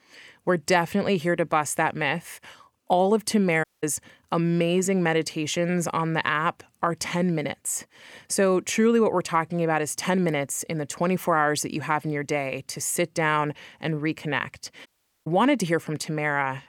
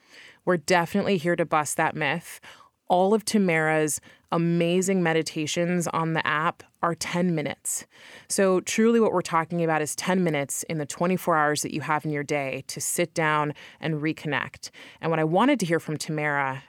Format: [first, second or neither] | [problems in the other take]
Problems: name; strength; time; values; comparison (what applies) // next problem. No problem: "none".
second | audio cutting out; at 3.5 s and at 15 s